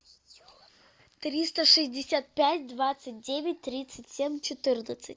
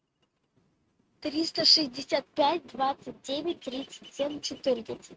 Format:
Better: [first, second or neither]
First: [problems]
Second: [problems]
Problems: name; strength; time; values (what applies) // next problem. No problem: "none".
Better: first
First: none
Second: noise reduction (neural mask model RNNoise)